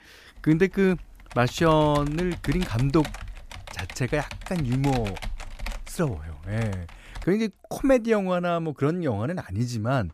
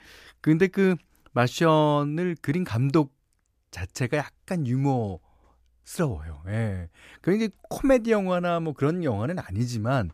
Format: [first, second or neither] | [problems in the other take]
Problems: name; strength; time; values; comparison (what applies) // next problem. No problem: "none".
second | keyboard typing; noticeable; until 7.5 s; peak 10 dB below the speech